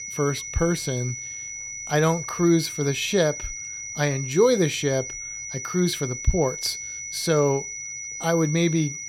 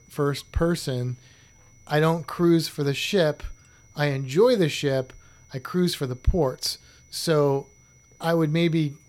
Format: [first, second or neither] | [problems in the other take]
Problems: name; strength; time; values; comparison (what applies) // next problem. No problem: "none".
second | high-pitched whine; loud; throughout; 6 kHz, 8 dB below the speech; faint in the second